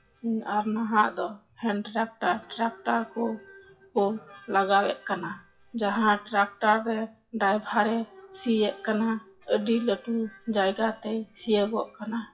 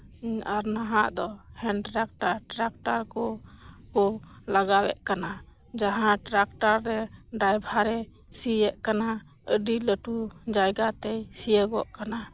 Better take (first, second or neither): second